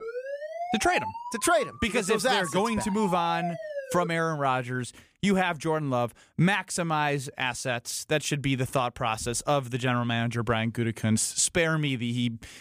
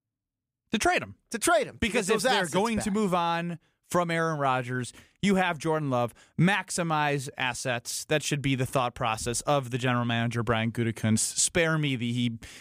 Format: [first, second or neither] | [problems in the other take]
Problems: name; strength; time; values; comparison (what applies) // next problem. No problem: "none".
second | siren; noticeable; until 4 s; peak 7 dB below the speech